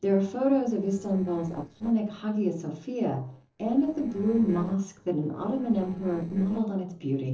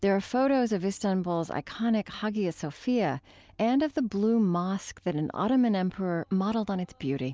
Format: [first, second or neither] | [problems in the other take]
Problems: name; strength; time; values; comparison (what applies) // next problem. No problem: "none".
second | noise reduction (neural separator model SepFormer DNS4)